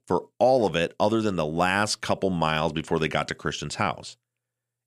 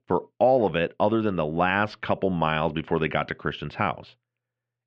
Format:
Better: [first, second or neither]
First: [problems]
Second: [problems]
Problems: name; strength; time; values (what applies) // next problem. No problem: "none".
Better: first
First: none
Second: muffled; very; fading above 3 kHz